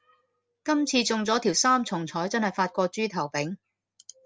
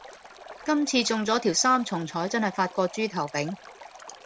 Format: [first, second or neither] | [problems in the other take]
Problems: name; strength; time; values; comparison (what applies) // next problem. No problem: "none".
first | background sound (Stream); 19 dB below the speech